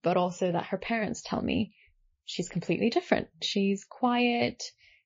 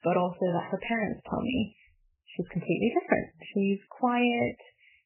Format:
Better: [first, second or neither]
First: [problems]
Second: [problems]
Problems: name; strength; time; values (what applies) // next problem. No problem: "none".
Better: first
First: garbled, watery; slightly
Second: garbled, watery; badly; nothing above 3 kHz